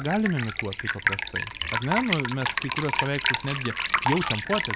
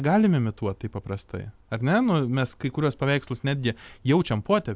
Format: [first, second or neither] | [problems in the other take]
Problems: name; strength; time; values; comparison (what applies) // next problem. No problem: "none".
second | background sound (Liquid); as loud as the speech